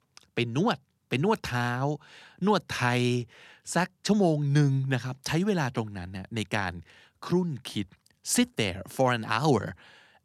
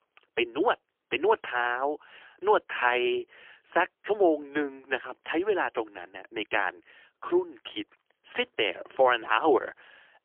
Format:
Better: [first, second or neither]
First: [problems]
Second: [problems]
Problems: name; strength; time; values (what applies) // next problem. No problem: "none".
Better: first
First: none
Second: phone-call audio; poor line; nothing above 3 kHz